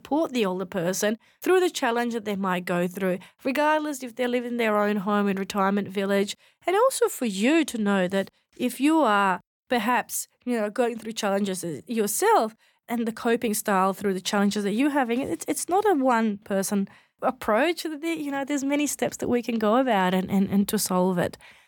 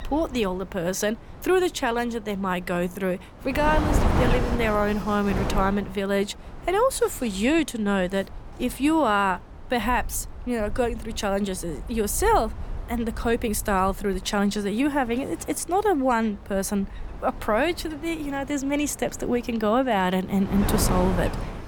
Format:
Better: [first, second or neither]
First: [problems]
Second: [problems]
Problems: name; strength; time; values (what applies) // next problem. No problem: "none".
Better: first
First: none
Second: wind noise on the microphone; heavy; 10 dB below the speech